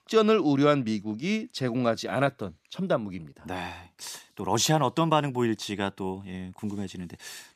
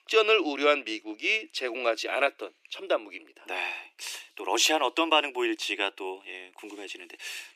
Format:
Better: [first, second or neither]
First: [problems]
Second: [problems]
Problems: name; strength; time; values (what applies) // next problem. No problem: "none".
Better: first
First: none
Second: thin; very; fading below 300 Hz